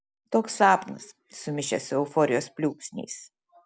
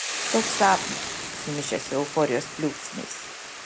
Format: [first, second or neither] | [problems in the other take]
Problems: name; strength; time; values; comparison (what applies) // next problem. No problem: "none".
first | background sound (Boiling / Hiss); 5 dB below the speech